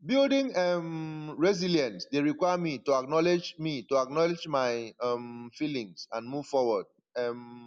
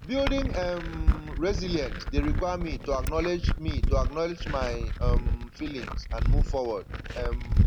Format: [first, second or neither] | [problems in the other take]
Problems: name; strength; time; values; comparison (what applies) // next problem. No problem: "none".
first | background sound (Glass); 4 dB above the speech